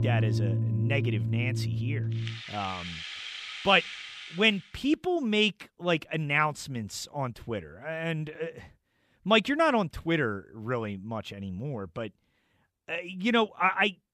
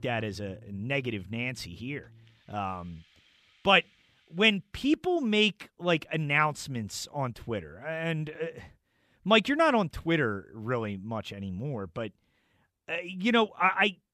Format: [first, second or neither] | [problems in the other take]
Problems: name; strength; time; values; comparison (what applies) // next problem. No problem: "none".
second | background music; loud; until 4.5 s; 3 dB below the speech; faint in the second